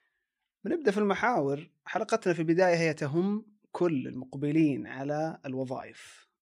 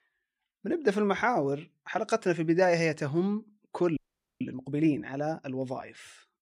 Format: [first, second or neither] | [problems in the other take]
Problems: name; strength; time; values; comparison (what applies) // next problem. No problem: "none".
first | audio freezing; at 4 s